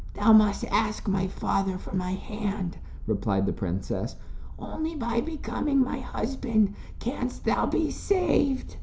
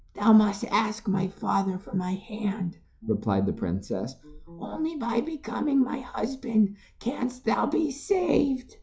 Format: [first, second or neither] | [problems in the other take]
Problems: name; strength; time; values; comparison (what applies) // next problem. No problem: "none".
first | noise reduction (classical method log-MMSE)